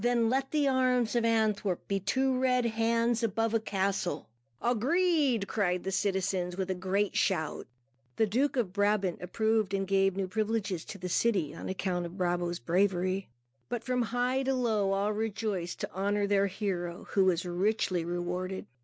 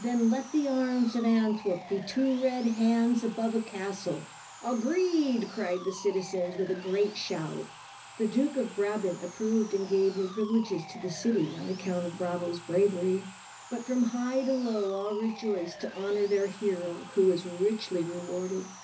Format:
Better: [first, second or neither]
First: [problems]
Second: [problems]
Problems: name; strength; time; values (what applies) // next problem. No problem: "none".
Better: first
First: none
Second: background sound (Sawing); 18 dB below the speech // room echo; dies away in 0.4 s